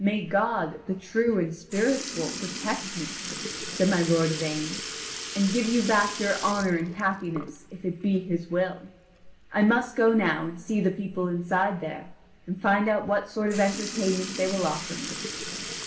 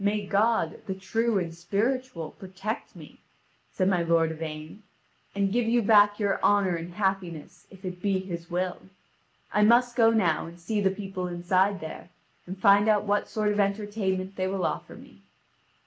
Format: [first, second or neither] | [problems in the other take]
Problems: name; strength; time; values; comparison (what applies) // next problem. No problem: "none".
second | background sound (Sink (filling or washing) / Liquid); 11 dB below the speech // room echo; dies away in 1.3 s